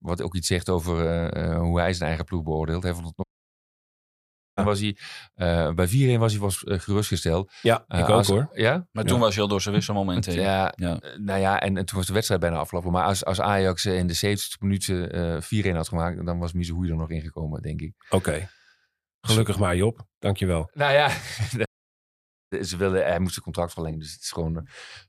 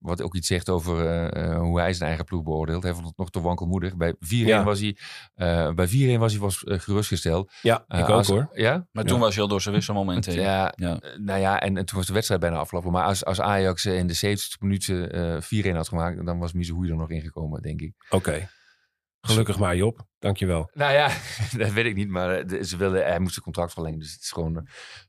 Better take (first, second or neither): second